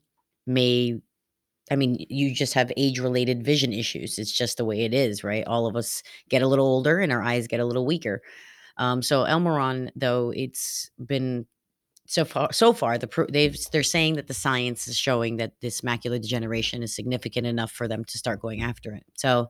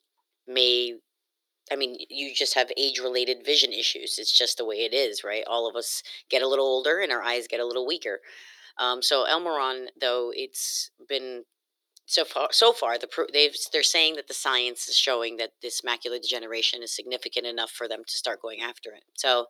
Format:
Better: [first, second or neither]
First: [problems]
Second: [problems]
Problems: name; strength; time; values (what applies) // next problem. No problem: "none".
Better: first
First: none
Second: thin; very; fading below 350 Hz